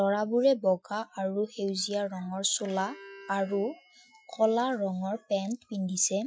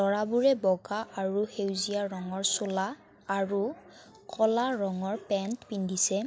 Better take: second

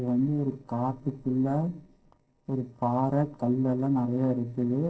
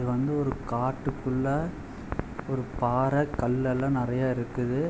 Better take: second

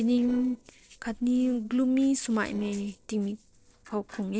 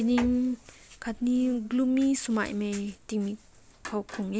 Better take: second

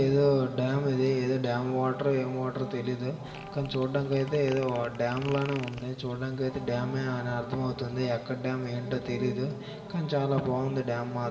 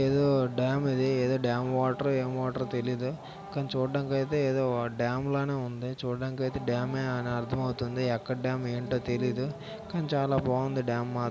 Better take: second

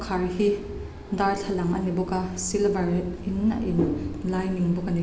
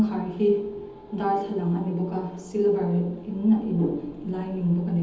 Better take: first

